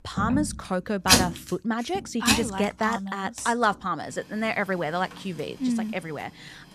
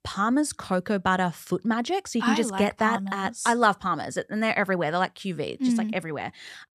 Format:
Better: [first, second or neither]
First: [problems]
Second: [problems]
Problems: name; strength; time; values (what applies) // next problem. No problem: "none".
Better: second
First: household noises; very loud; throughout; 4 dB above the speech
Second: none